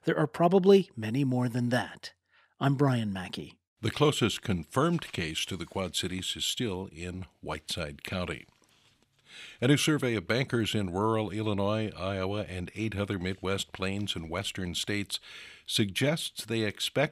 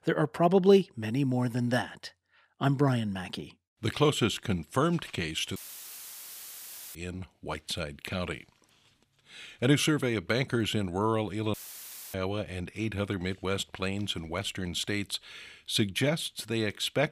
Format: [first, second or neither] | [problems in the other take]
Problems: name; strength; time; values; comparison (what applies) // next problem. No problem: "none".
first | audio cutting out; filled with static; at 5.5 s for 1.5 s and at 12 s for 0.5 s